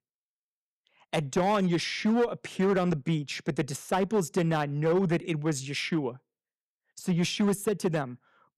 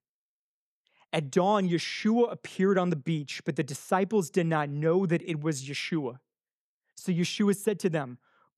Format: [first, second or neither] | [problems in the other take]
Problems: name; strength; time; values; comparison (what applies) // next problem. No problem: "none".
second | distortion; slight; 6% of the sound clipped